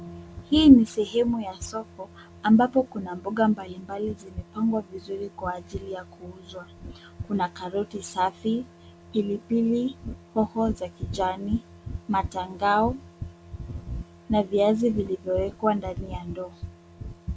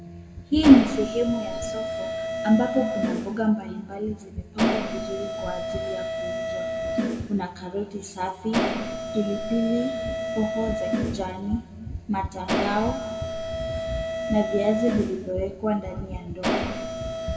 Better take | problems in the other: first | background sound (Mechanisms); 3 dB below the speech // room echo; dies away in 1.6 s

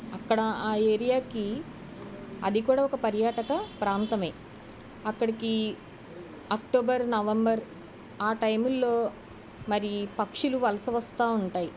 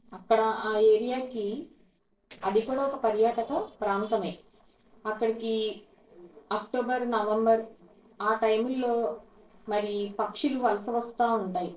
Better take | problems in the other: first | noise reduction (neural separator model SepFormer DNS4)

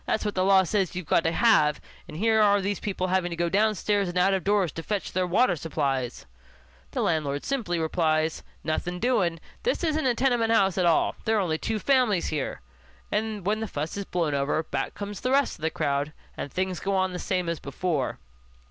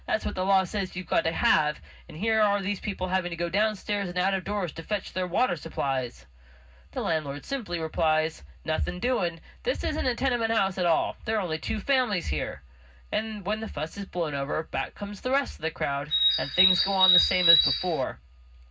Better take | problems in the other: first | background sound (Bird); 5 dB above the speech // room echo; dies away in 0.4 s

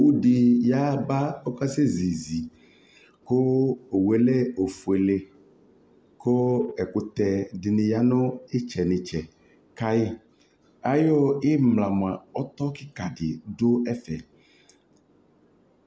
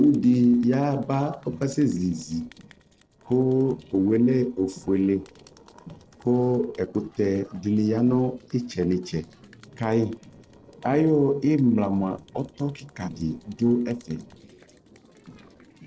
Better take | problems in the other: first | noise reduction (neural separator model SepFormer DNS4)

